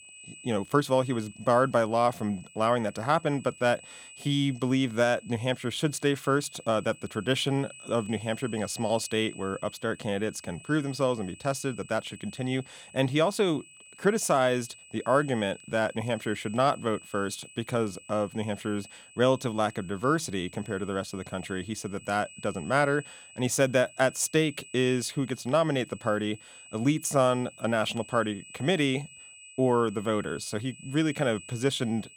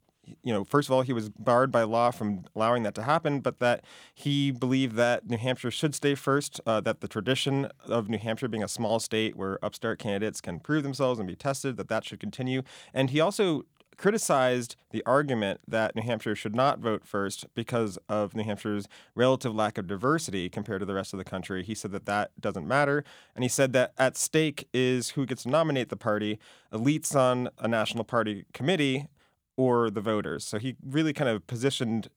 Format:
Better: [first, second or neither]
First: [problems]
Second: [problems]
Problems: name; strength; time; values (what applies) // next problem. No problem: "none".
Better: second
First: high-pitched whine; noticeable; throughout; 2.5 kHz, 20 dB below the speech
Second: none